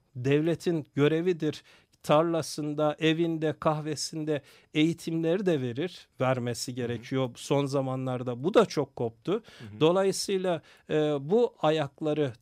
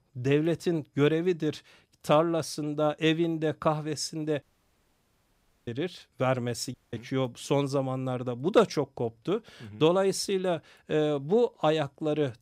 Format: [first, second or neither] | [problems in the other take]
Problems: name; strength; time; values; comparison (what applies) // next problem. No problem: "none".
first | audio cutting out; at 4.5 s for 1.5 s and at 6.5 s